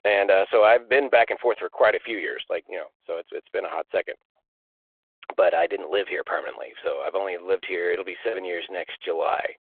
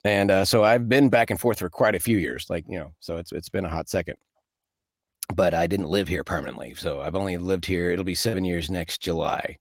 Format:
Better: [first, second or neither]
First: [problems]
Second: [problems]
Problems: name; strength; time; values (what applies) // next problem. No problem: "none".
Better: second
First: phone-call audio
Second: none